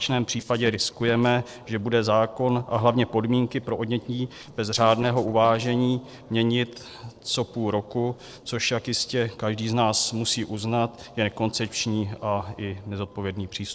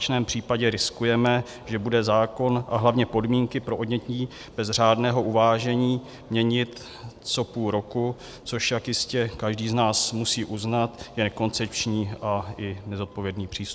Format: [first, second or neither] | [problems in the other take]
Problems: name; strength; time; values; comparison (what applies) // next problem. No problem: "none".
second | noise reduction (neural separator model SepFormer DNS4)